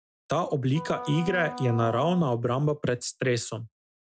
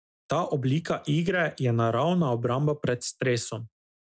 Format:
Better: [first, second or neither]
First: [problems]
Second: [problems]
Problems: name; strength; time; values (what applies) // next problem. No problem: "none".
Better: second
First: background sound (Wind instrument, woodwind instrument); 13 dB below the speech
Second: none